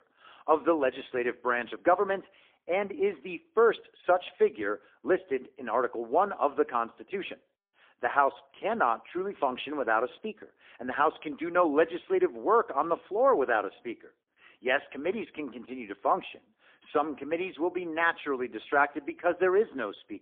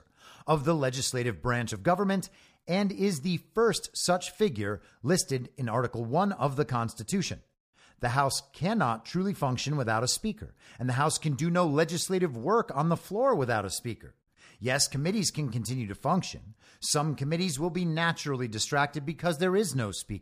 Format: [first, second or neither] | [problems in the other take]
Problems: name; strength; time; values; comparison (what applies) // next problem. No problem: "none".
second | phone-call audio; poor line; nothing above 3.5 kHz